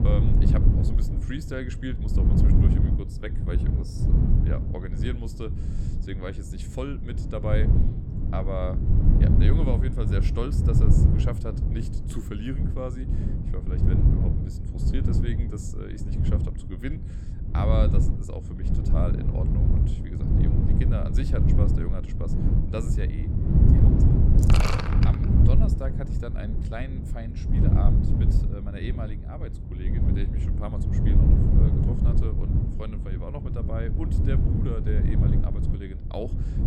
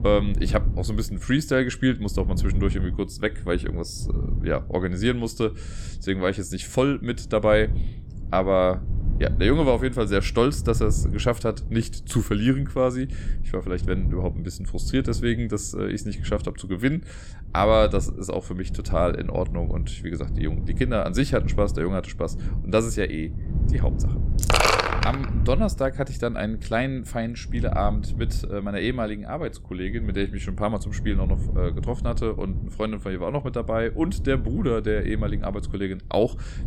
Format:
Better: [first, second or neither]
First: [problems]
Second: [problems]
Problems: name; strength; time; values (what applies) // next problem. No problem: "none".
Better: second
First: wind noise on the microphone; heavy; 1 dB above the speech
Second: wind noise on the microphone; occasional gusts; 20 dB below the speech